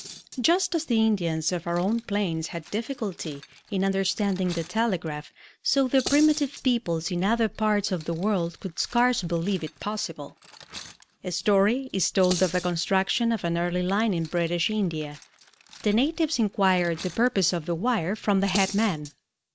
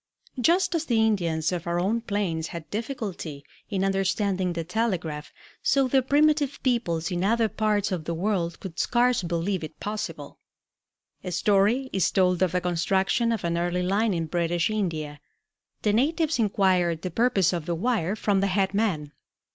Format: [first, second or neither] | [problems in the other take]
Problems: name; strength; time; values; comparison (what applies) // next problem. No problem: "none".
second | background sound (Cutlery, silverware); 18 dB below the speech